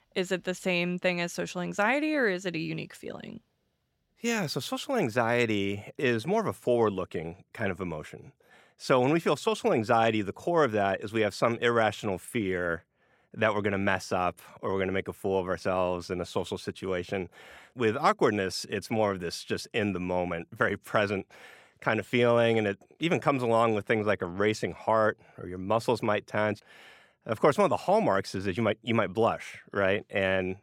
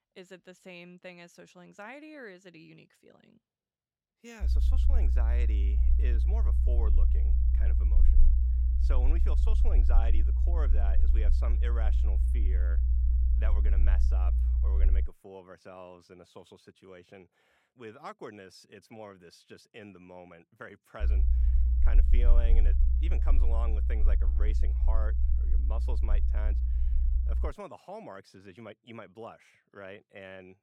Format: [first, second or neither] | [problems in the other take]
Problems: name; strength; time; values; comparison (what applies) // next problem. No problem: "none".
first | low rumble; loud; from 4.5 to 15 s and from 21 to 27 s; 3 dB below the speech